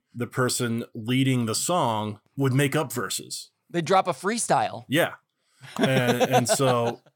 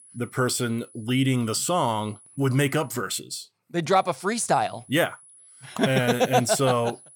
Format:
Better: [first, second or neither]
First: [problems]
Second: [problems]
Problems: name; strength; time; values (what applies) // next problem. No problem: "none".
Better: first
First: none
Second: high-pitched whine; faint; until 3 s and from 4 s on; 10 kHz, 25 dB below the speech